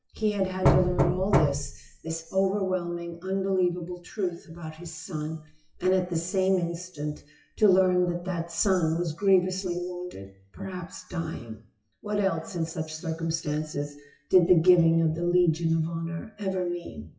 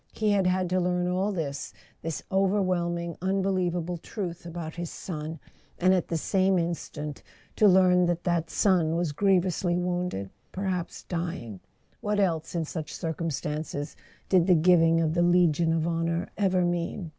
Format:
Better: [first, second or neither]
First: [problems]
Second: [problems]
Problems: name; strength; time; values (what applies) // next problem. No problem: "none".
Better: second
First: noise reduction (classical method WPE with log-MMSE)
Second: none